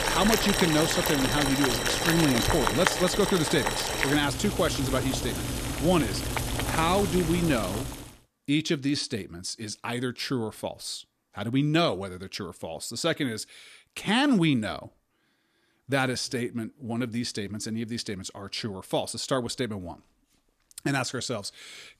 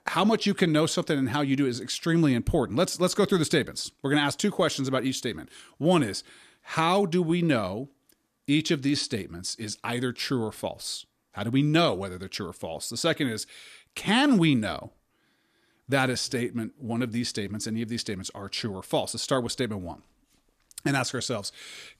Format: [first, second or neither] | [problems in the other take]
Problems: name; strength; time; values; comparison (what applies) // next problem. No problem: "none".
second | household noises; loud; until 8 s; as loud as the speech